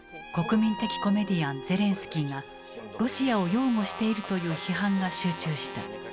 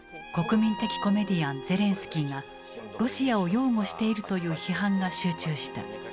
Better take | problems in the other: second | background sound (Trumpet); 16 dB below the speech

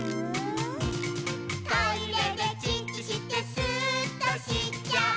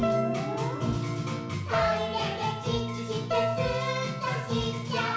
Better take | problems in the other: first | background sound (Keyboard (musical)); 4 dB below the speech // room echo; dies away in 0.6 s

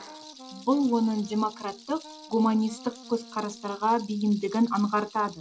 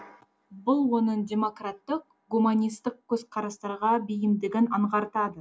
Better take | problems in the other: second | background sound (Wind instrument, woodwind instrument + Rattle); 19 dB below the speech

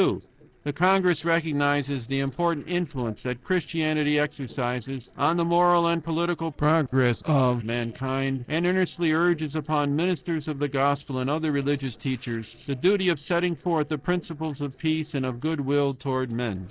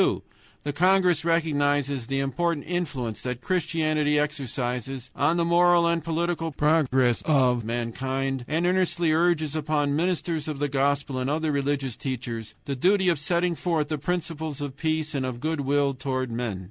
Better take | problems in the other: second | noise reduction (neural separator model SepFormer DNS4)

